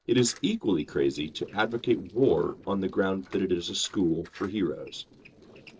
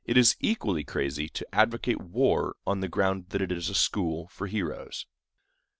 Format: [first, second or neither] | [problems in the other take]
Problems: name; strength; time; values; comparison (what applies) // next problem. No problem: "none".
second | noise reduction (neural separator model SepFormer DNS4)